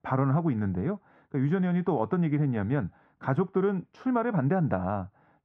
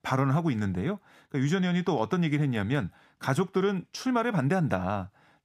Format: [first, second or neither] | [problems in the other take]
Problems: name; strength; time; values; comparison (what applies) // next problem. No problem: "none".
second | muffled; very; fading above 3.5 kHz